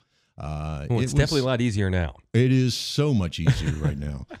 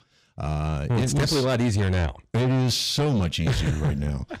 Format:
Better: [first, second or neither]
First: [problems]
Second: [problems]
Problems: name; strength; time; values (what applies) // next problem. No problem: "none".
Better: first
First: none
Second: distortion; heavy; 6 dB below the speech